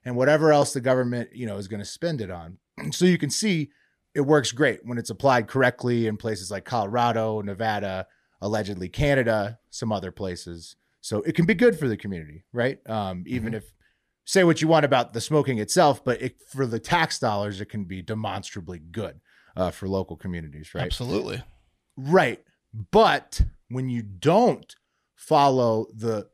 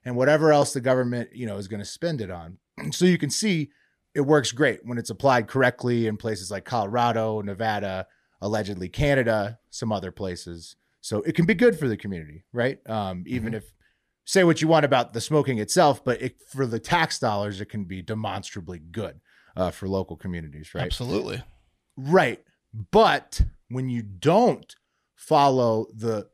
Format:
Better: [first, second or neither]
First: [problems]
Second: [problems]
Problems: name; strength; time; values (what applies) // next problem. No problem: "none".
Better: neither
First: none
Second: none